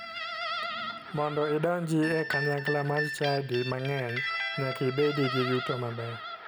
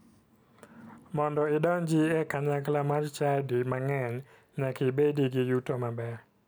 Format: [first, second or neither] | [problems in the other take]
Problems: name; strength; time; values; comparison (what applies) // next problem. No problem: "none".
second | background sound (Guitar); 5 dB below the speech